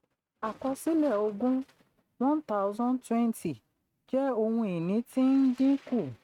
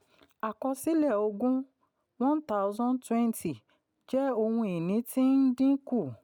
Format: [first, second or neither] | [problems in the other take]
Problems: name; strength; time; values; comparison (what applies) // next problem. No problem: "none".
second | noise reduction (neural mask model RNNoise)